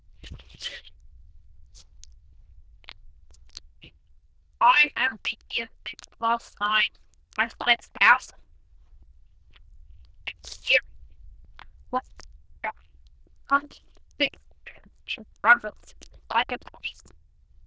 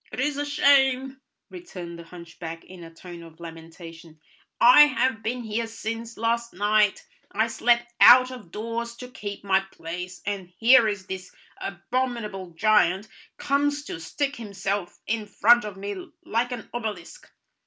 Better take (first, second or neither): second